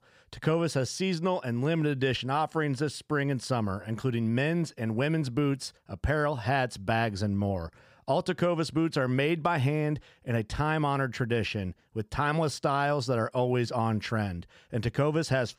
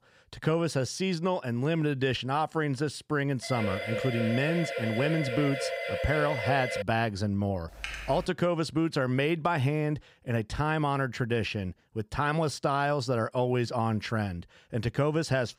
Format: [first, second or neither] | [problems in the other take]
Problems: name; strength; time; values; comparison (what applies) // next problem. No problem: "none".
first | siren; noticeable; from 3.5 to 7 s; peak 3 dB below the speech // keyboard typing; noticeable; at 7.5 s; peak 8 dB below the speech